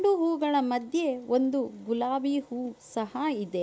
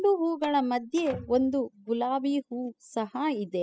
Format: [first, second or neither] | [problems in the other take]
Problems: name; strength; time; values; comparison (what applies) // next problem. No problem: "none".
first | noise reduction (classical method spectral subtraction)